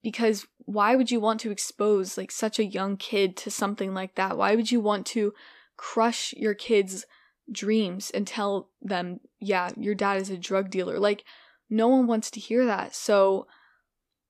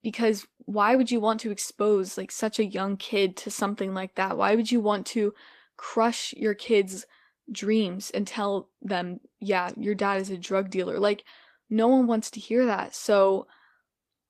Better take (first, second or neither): first